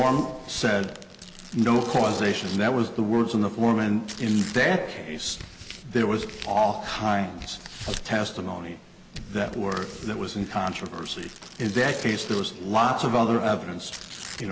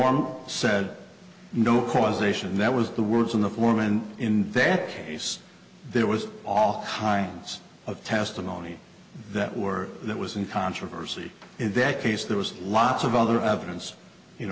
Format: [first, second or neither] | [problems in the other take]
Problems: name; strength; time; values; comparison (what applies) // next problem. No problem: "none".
second | background sound (Tearing); 17 dB below the speech